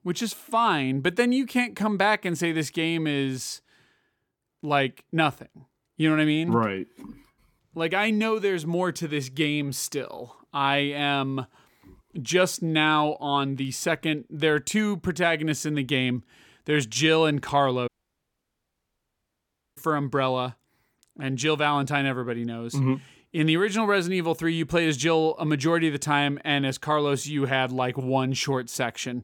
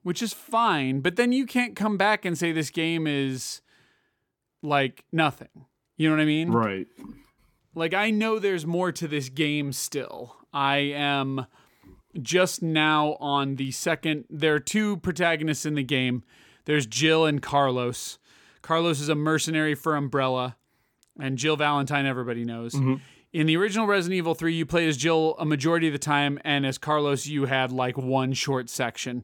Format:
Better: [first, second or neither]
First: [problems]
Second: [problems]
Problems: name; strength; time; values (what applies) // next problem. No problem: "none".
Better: second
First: audio cutting out; at 18 s for 2 s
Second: none